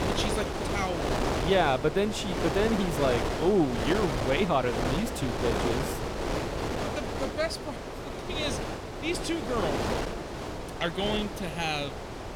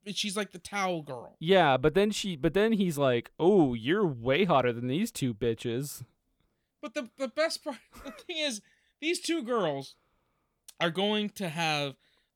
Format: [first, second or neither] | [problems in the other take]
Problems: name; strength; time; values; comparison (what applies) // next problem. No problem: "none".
second | wind noise on the microphone; heavy; 2 dB below the speech